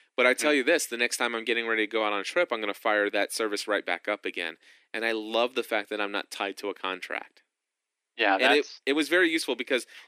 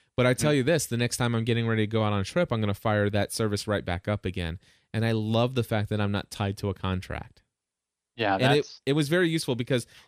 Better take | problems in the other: second | thin; somewhat; fading below 300 Hz

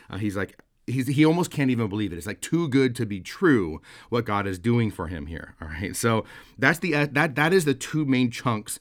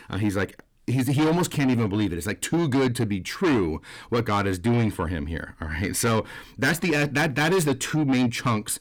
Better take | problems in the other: first | distortion; heavy; 7 dB below the speech

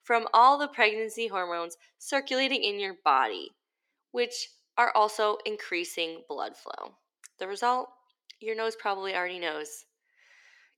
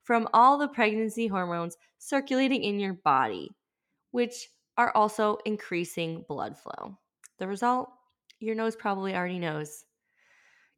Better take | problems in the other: second | thin; somewhat; fading below 350 Hz

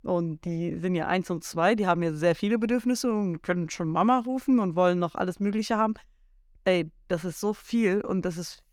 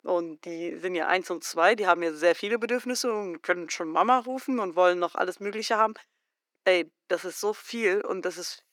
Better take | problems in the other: first | thin; somewhat; fading below 350 Hz

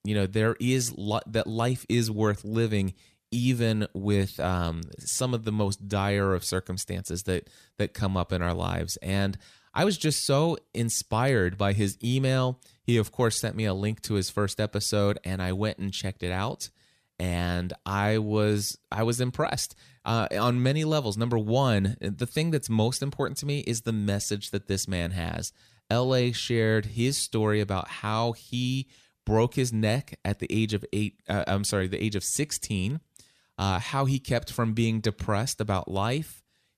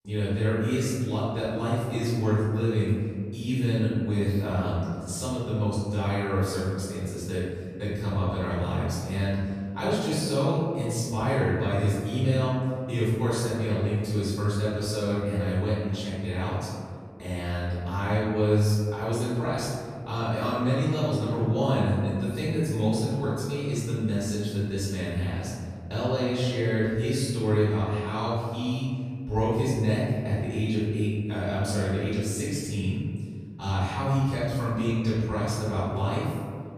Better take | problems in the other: first | off-mic speech; far // room echo; strong; dies away in 2.2 s

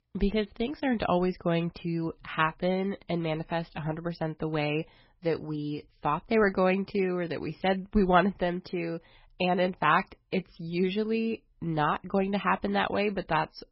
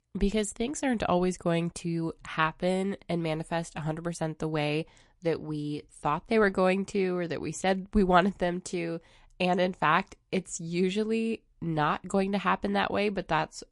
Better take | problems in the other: second | garbled, watery; badly; nothing above 5.5 kHz; slightly in the second

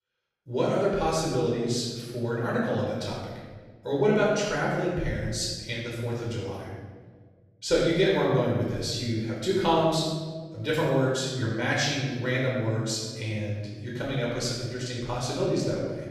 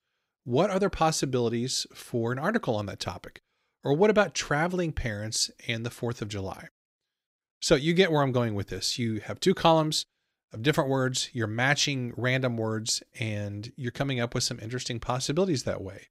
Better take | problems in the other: second | off-mic speech; far // room echo; strong; dies away in 1.3 s

